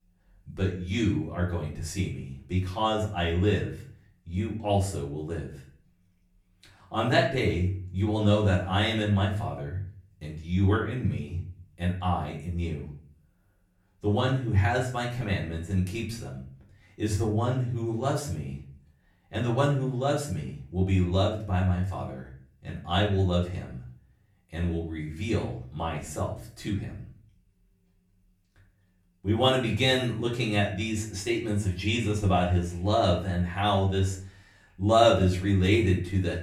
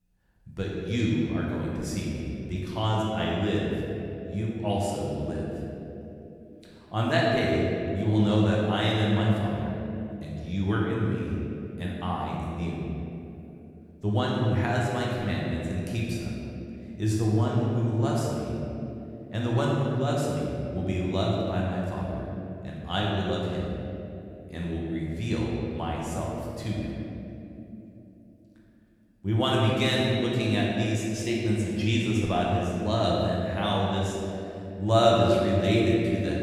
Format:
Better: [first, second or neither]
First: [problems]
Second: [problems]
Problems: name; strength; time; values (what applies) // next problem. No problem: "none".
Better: first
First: room echo; slight; dies away in 0.4 s // off-mic speech; far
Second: room echo; strong; dies away in 2.9 s // off-mic speech; far